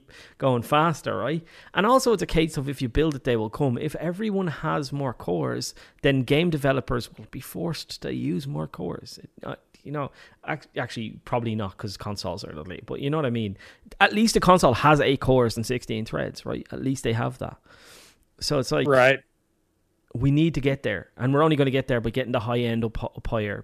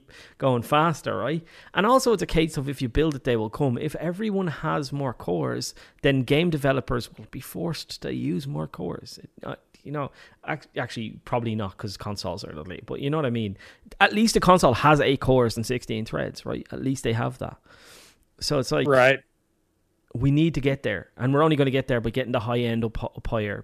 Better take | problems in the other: neither | none

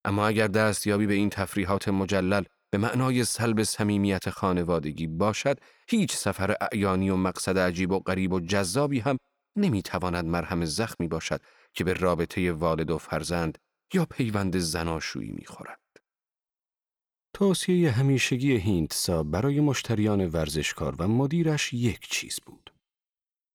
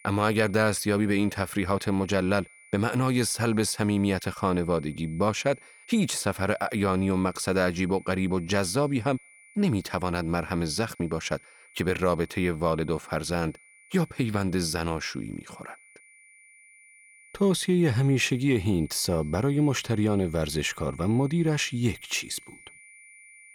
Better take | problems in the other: first | high-pitched whine; faint; throughout; 2 kHz, 25 dB below the speech

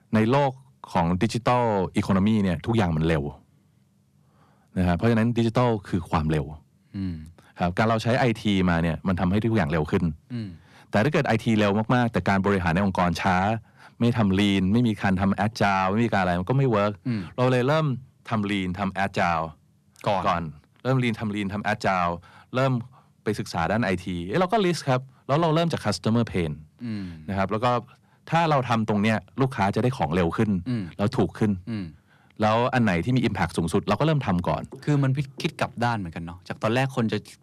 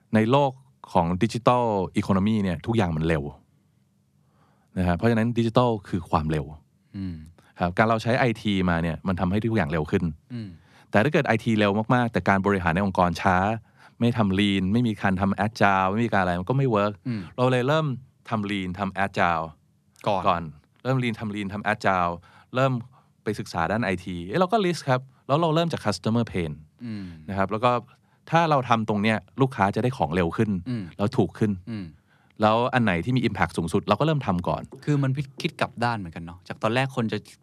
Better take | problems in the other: second | distortion; slight; 10 dB below the speech

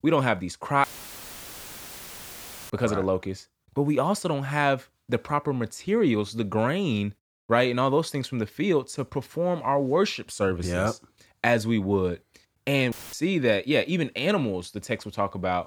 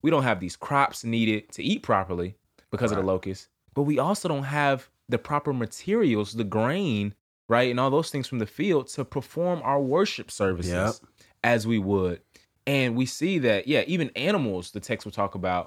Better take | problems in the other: second | audio cutting out; filled with static; at 1 s for 2 s and at 13 s

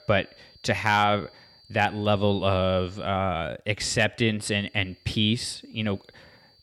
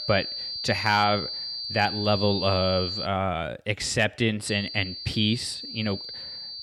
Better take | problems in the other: first | high-pitched whine; loud; until 3 s and from 4.5 s on; 4.5 kHz, 5 dB below the speech; faint in the first

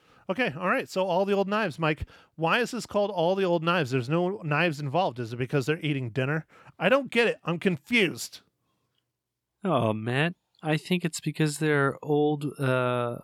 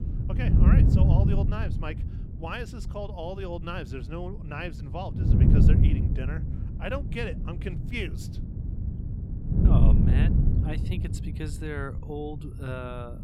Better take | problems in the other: first | wind noise on the microphone; heavy; as loud as the speech

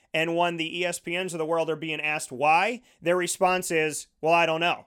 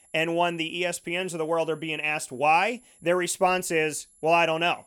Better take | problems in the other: first | high-pitched whine; faint; throughout; 11 kHz, 30 dB below the speech

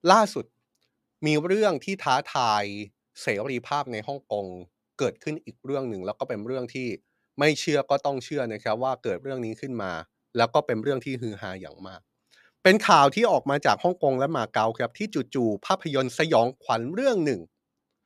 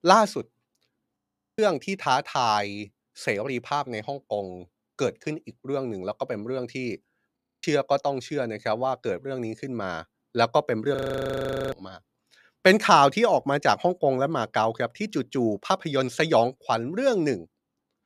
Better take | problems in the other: first | audio freezing; at 1 s, at 7.5 s and at 11 s for 1 s

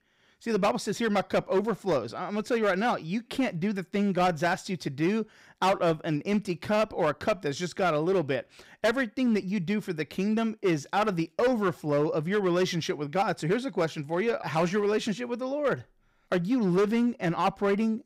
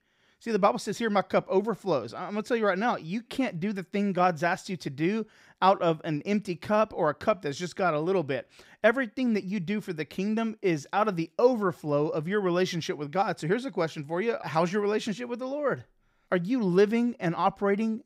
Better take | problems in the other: second | distortion; slight; 6% of the sound clipped

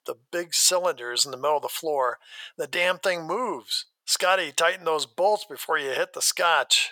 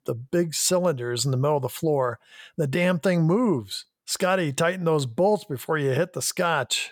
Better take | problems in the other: second | thin; very; fading below 750 Hz

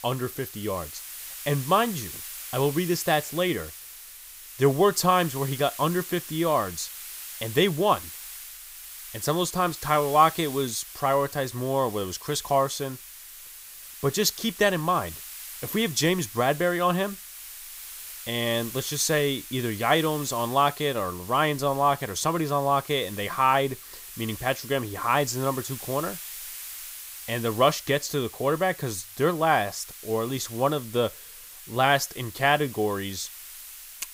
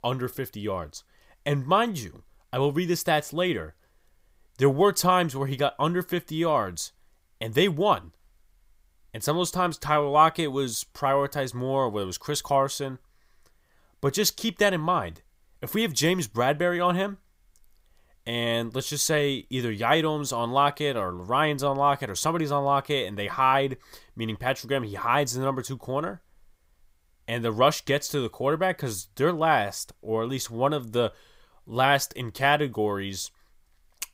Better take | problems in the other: second | hiss; noticeable; throughout; 15 dB below the speech

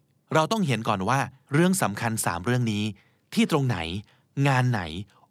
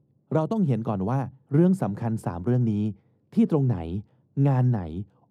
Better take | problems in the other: first | muffled; very; fading above 1 kHz

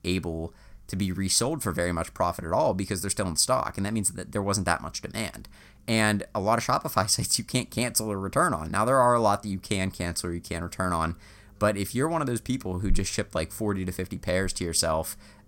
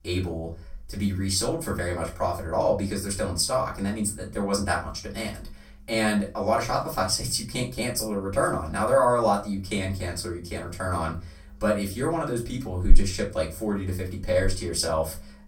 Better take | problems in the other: first | off-mic speech; far // room echo; very slight; dies away in 0.3 s

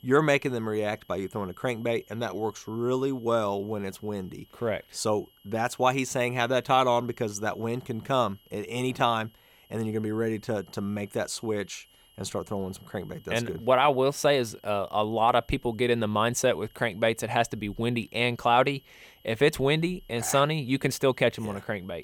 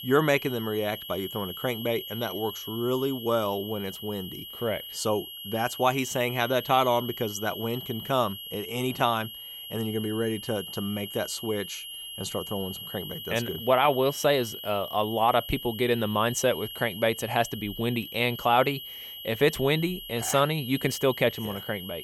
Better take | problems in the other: first | high-pitched whine; loud; throughout; 3 kHz, 10 dB below the speech; faint in the first

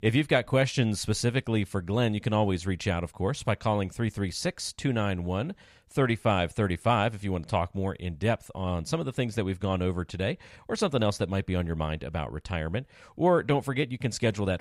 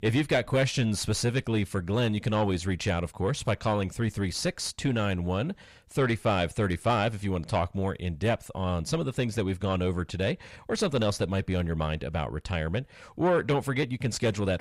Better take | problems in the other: first | distortion; slight; 9 dB below the speech

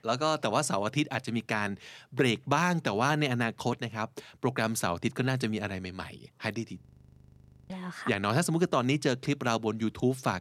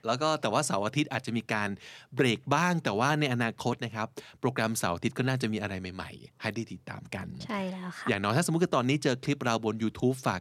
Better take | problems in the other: second | audio freezing; at 7 s for 1 s

